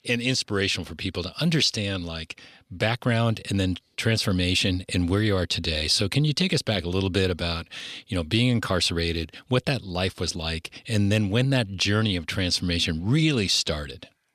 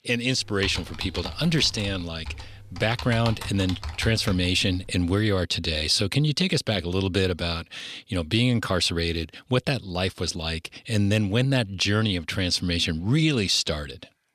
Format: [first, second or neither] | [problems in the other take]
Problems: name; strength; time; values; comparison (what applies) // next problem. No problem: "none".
first | keyboard typing; noticeable; until 5 s; peak 9 dB below the speech